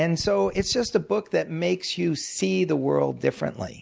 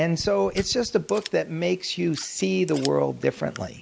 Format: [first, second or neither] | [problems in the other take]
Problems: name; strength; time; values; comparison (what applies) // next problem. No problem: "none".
first | background sound (Scissors); 19 dB below the speech